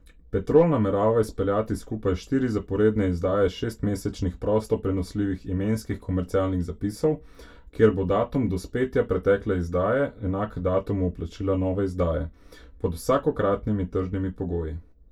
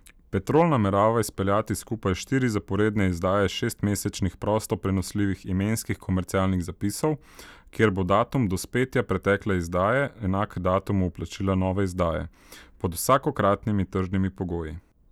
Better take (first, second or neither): second